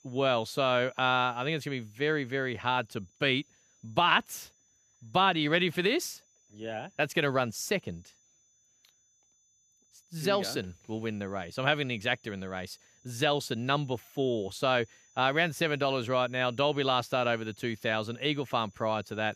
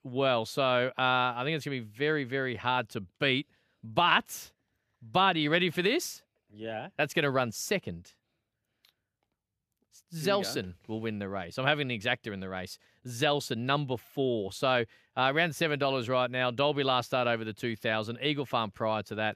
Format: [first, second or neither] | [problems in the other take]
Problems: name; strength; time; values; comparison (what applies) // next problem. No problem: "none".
second | high-pitched whine; faint; throughout; 6 kHz, 30 dB below the speech